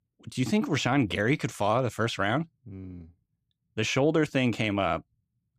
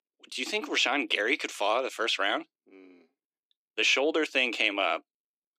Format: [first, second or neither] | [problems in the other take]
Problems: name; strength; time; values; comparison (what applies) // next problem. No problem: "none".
first | thin; somewhat; fading below 300 Hz